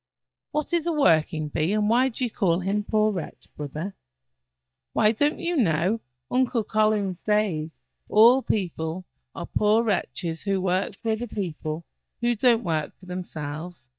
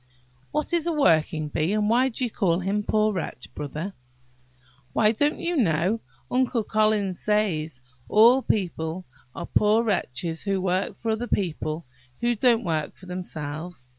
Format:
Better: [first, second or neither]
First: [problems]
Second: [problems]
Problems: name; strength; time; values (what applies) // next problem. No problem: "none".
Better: second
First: noise reduction (neural mask model DeepFilterNet 3)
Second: none